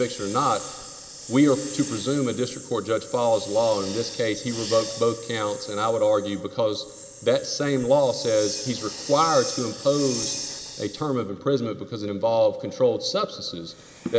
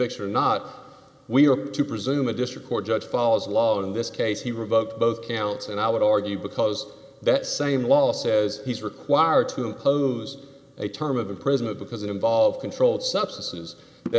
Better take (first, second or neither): second